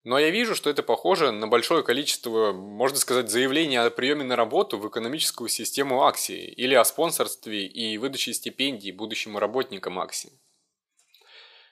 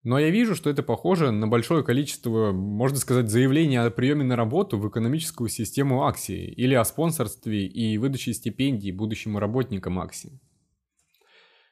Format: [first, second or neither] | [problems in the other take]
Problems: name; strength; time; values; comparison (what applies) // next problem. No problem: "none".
second | thin; somewhat; fading below 550 Hz